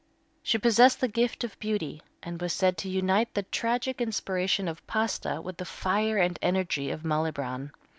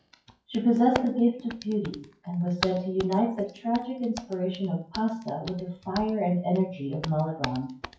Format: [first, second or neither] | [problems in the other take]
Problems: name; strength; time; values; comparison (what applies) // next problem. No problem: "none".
first | noise reduction (classical method WPE with log-MMSE)